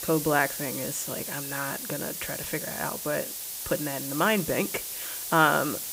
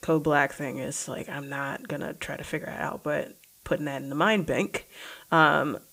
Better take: second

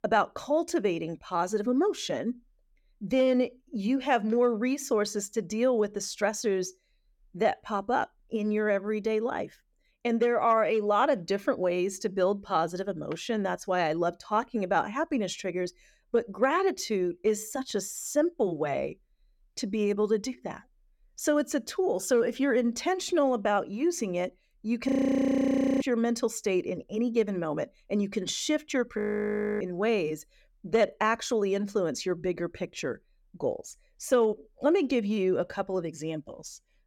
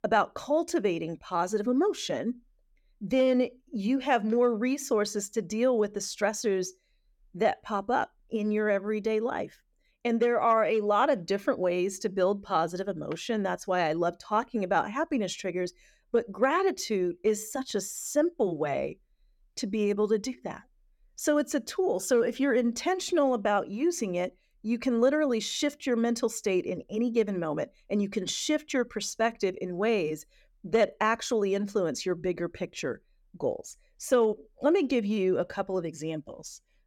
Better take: second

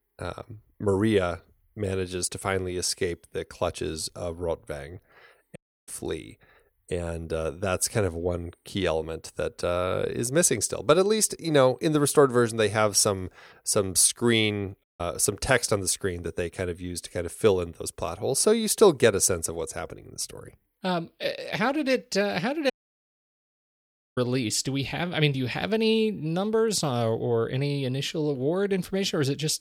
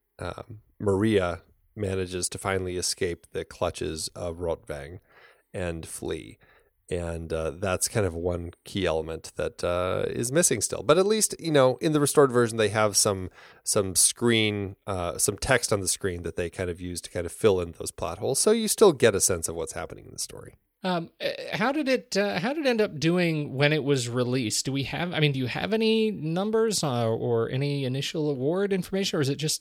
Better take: second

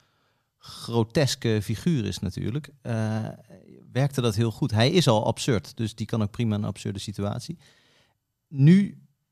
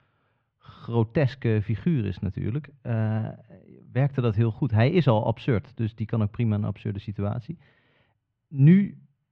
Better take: first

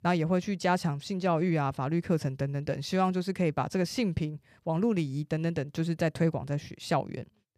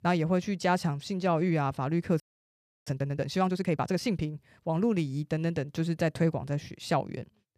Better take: first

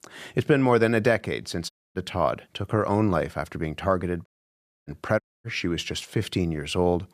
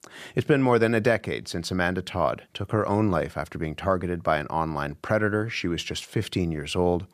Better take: second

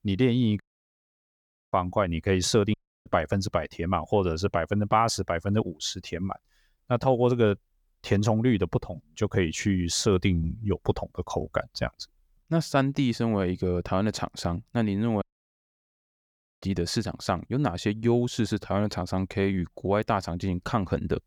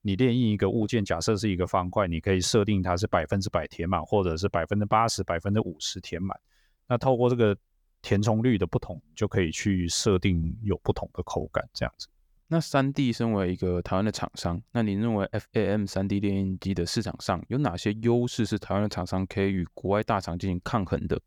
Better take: second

